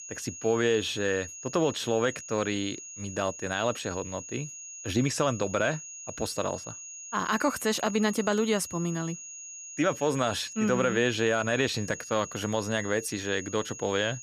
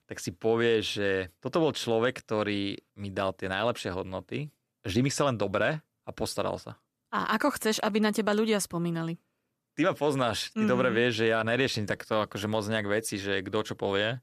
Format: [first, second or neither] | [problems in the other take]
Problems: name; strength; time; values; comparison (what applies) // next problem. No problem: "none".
second | high-pitched whine; noticeable; throughout; 6.5 kHz, 10 dB below the speech